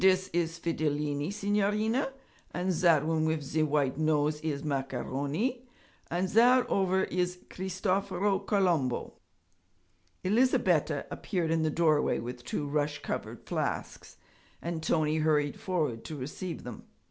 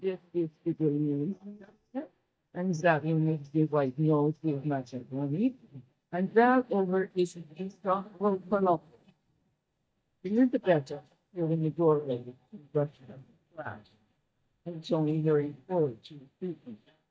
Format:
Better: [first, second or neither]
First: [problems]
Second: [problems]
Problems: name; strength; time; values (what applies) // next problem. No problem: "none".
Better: first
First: none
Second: noise reduction (neural mask model DeepFilterNet 3)